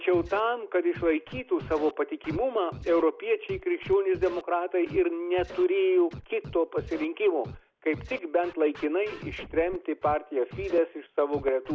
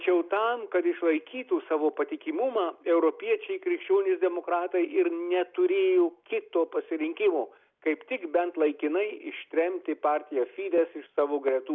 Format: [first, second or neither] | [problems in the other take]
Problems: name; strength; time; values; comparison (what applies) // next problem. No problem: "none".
second | background sound (Scratching (performance technique)); 17 dB below the speech